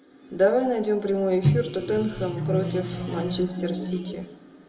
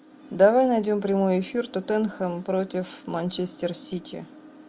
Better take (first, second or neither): second